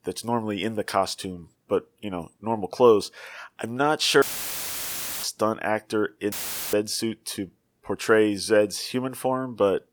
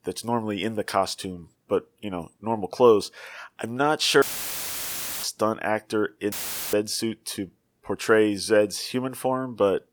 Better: neither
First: audio cutting out; filled with static; at 4 s for 1 s and at 6.5 s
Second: audio cutting out; filled with static; at 4 s for 1 s and at 6.5 s

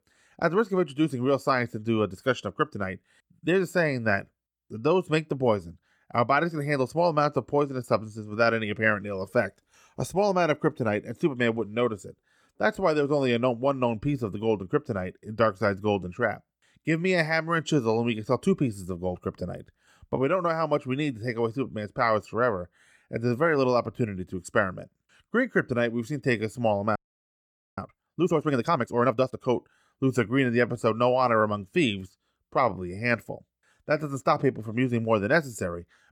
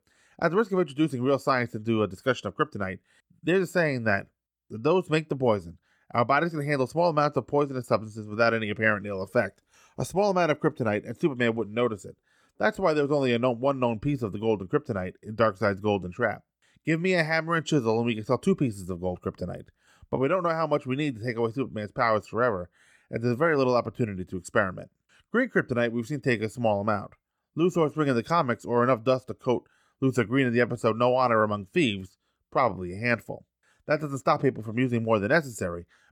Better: second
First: audio freezing; at 27 s for 1 s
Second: none

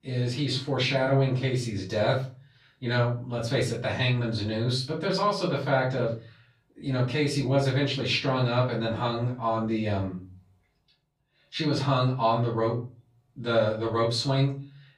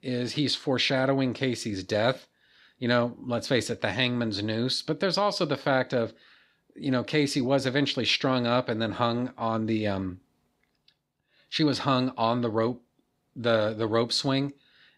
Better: second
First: off-mic speech; far // room echo; slight; dies away in 0.4 s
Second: none

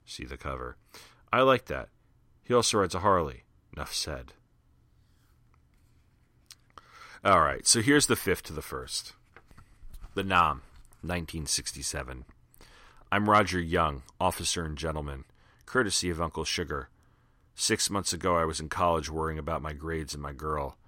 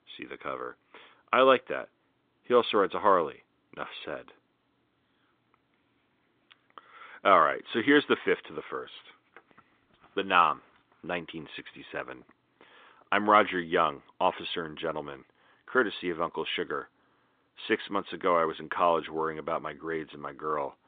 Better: first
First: none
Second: phone-call audio; nothing above 3.5 kHz

